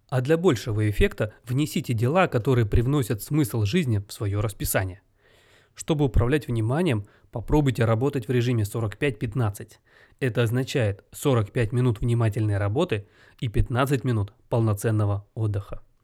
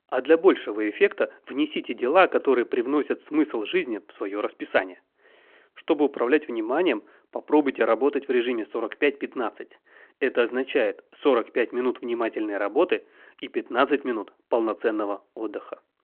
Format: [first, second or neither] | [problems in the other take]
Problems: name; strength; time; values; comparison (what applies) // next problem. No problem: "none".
first | phone-call audio